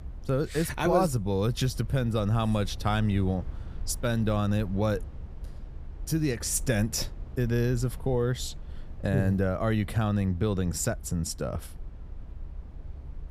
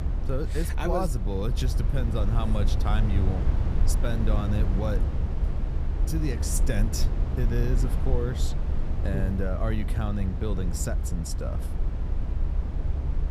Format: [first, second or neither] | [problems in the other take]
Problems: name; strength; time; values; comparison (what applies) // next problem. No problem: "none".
first | low rumble; loud; throughout; 7 dB below the speech; faint in the first